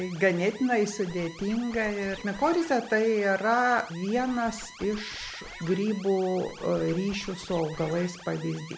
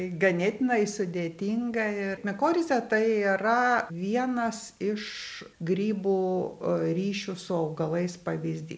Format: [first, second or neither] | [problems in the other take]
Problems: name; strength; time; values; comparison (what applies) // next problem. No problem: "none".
second | background sound (Alarm + Scratching (performance technique)); 17 dB below the speech